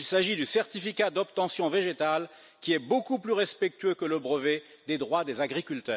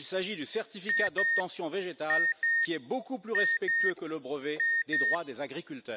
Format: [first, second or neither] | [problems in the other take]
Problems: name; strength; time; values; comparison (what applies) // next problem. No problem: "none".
first | background sound (Alarm); 4 dB above the speech